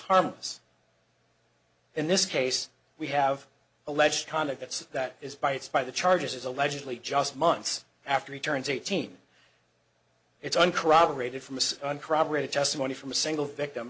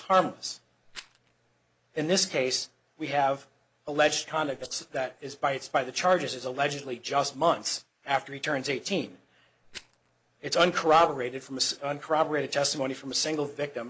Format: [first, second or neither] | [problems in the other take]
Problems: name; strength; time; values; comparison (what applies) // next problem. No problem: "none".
first | noise reduction (neural mask model Resemble Enhance denoiser)